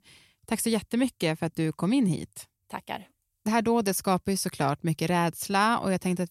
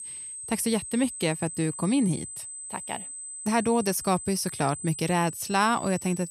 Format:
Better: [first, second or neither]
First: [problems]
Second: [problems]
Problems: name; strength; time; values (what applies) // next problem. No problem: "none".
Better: first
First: none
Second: high-pitched whine; loud; throughout; 8 kHz, 9 dB below the speech